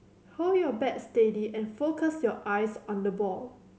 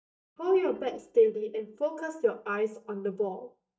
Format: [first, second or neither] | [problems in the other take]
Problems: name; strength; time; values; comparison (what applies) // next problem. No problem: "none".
first | noise reduction (neural mask model DeepFilterNet 3)